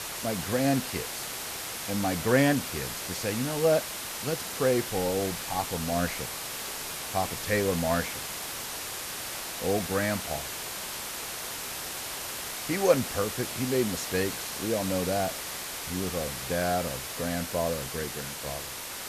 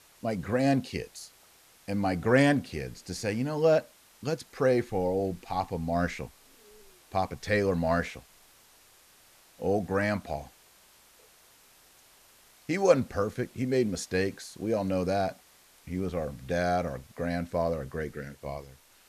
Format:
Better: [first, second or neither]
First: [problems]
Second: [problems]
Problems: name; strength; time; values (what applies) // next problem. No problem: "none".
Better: second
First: hiss; loud; throughout; 4 dB below the speech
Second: hiss; faint; throughout; 25 dB below the speech